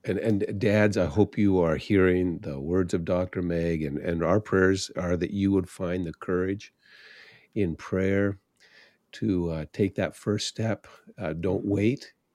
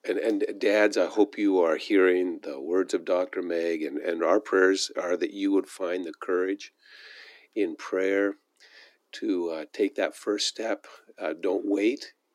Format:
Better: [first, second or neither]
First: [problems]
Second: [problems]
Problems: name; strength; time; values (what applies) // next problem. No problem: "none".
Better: first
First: none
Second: thin; somewhat; fading below 300 Hz